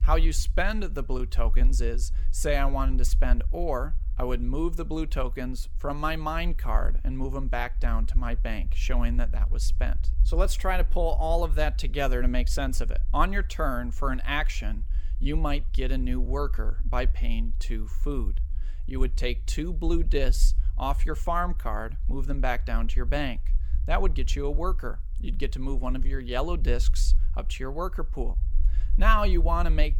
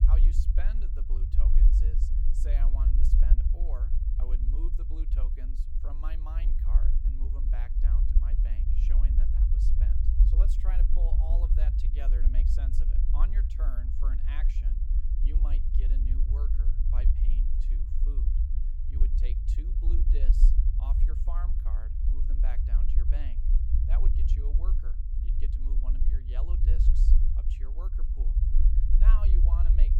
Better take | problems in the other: first | low rumble; loud; throughout; as loud as the speech; faint in the first

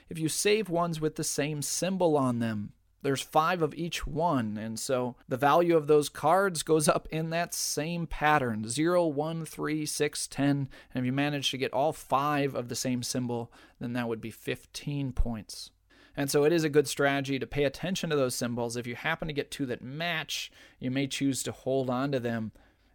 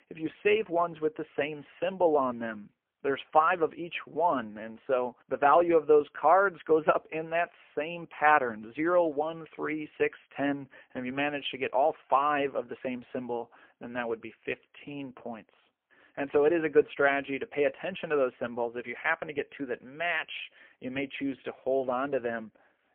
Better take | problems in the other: first | phone-call audio; poor line; nothing above 3 kHz

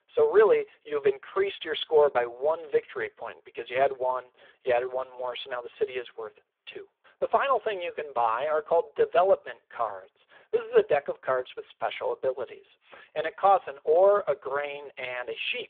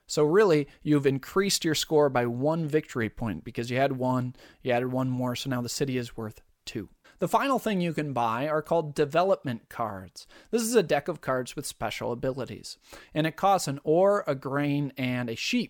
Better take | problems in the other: second | phone-call audio; poor line; nothing above 3.5 kHz

